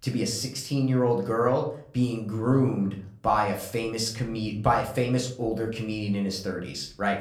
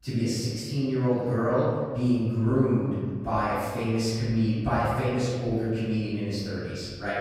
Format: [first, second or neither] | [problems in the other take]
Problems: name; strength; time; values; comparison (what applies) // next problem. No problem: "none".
first | room echo; strong; dies away in 1.7 s; slight in the first // off-mic speech; far; somewhat distant in the first